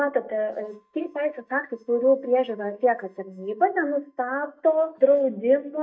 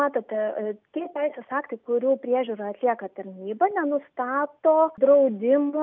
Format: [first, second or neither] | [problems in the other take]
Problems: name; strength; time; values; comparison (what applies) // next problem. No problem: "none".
second | noise reduction (neural mask model DeepFilterNet 3)